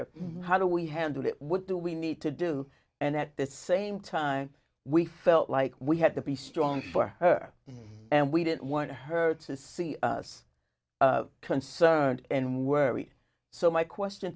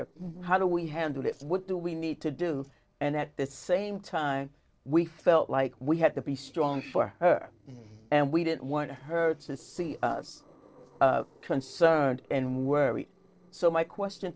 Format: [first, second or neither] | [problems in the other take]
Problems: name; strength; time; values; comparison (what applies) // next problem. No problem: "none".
first | noise reduction (neural separator model SepFormer DNS4)